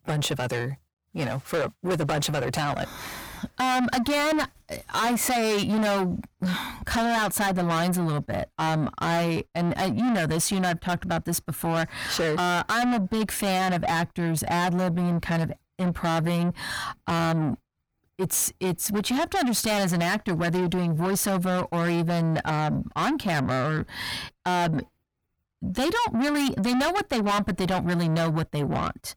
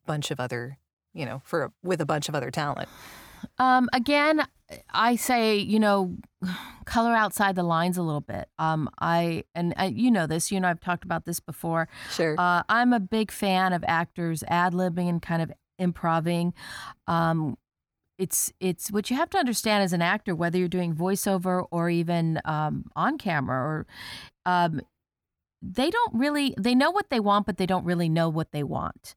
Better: second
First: distortion; heavy; 6 dB below the speech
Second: none

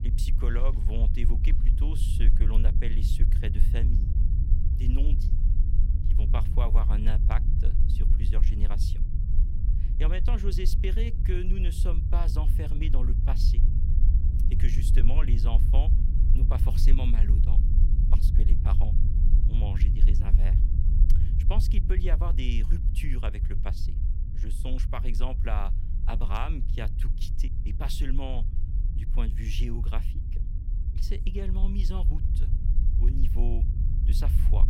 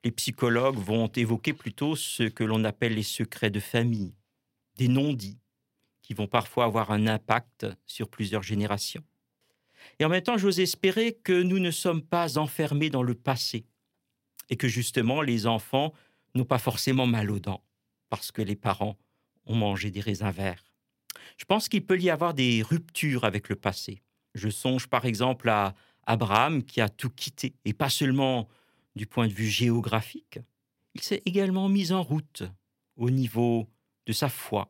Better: second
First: low rumble; loud; throughout; 5 dB below the speech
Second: none

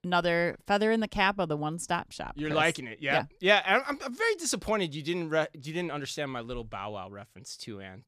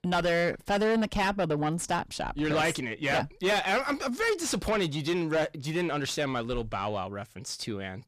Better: first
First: none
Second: distortion; heavy; 5 dB below the speech

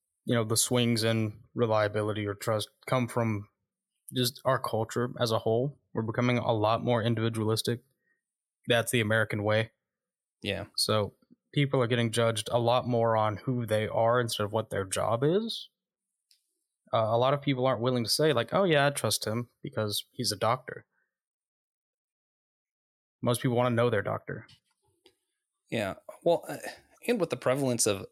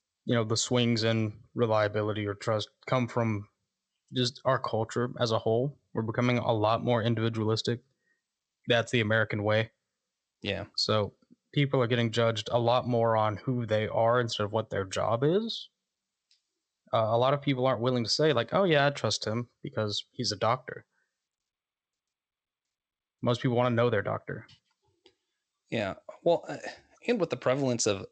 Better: first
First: none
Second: garbled, watery; slightly; nothing above 8 kHz

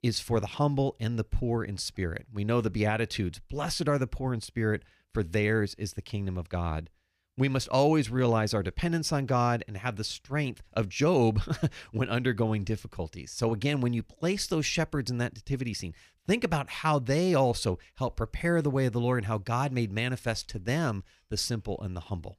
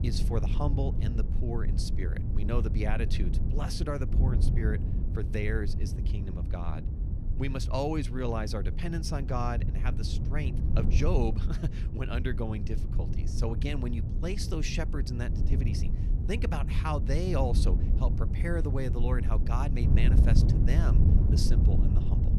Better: first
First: none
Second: wind noise on the microphone; heavy; 6 dB below the speech

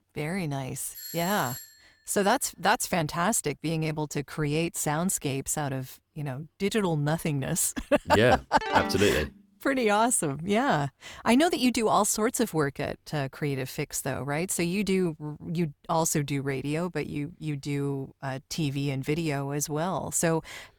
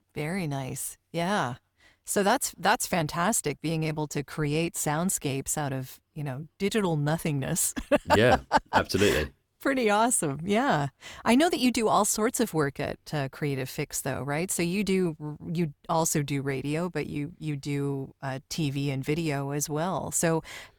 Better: second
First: doorbell; noticeable; at 1 s; peak 8 dB below the speech // phone ringing; noticeable; at 8.5 s; peak 4 dB below the speech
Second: none

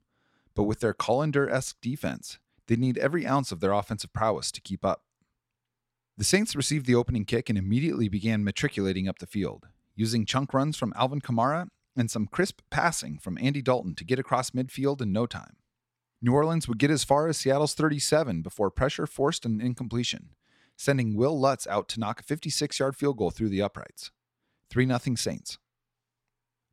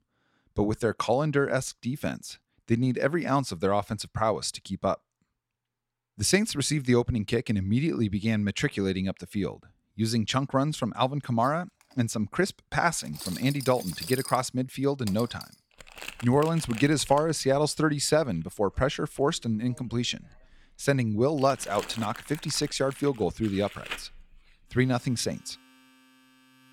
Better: first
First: none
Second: household noises; noticeable; from 12 s on; 15 dB below the speech

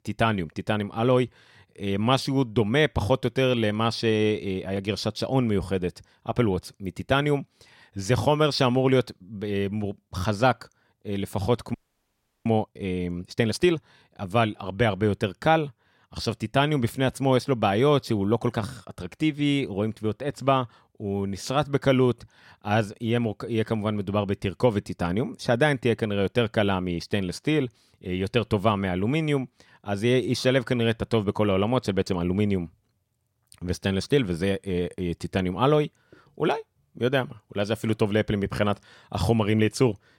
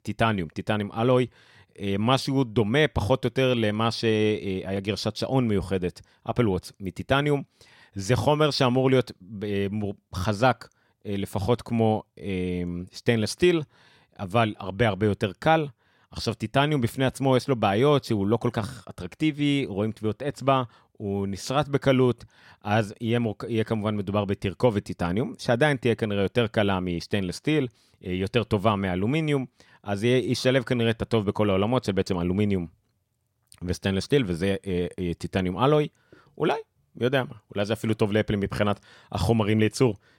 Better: second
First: audio freezing; at 12 s for 0.5 s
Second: none

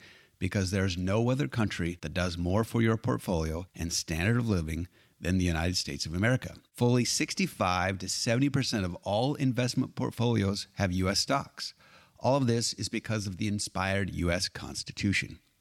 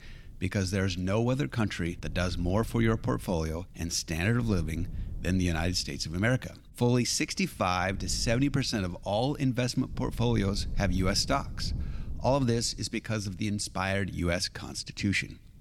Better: first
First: none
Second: wind noise on the microphone; occasional gusts; 25 dB below the speech

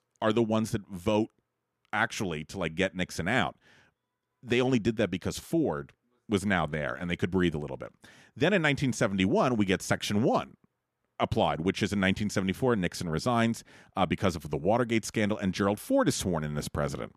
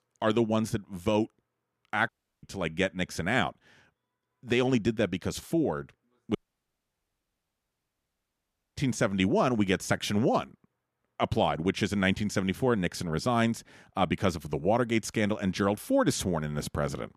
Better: first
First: none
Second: audio cutting out; at 2 s and at 6.5 s for 2.5 s

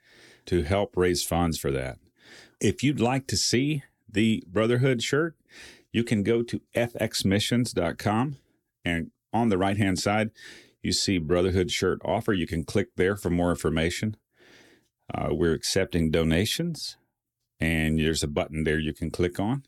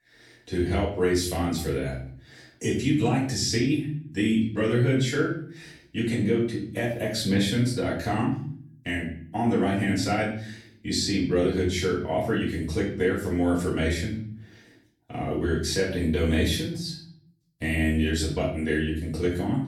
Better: first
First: none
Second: off-mic speech; far // room echo; noticeable; dies away in 0.6 s

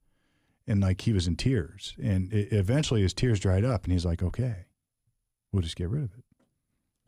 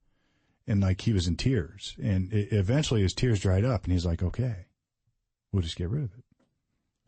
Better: first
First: none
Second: garbled, watery; slightly; nothing above 8 kHz

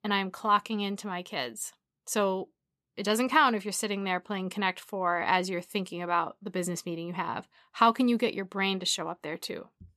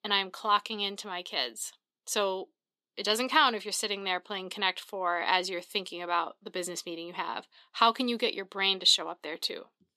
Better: first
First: none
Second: thin; very slightly; fading below 300 Hz

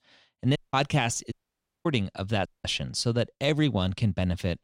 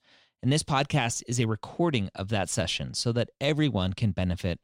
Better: second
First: audio cutting out; at 0.5 s, at 1.5 s for 0.5 s and at 2.5 s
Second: none

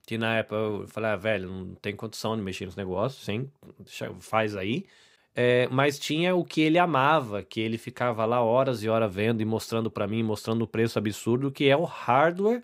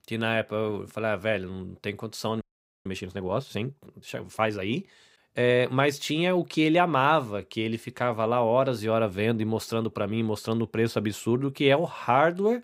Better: first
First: none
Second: audio freezing; at 2.5 s

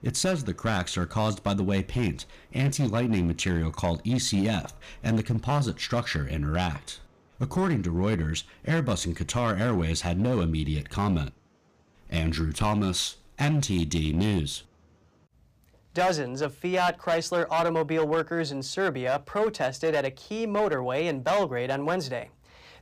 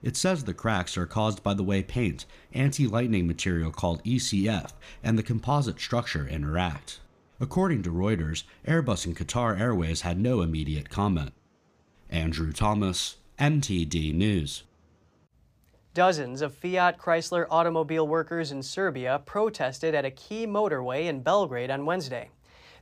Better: second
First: distortion; slight; 7% of the sound clipped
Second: none

